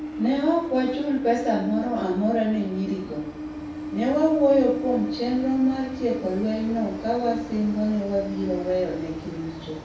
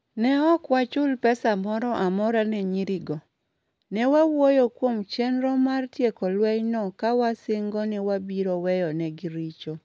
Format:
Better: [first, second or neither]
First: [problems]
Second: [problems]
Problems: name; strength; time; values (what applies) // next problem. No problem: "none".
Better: second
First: background sound (Train); 8 dB below the speech // room echo; dies away in 0.6 s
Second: none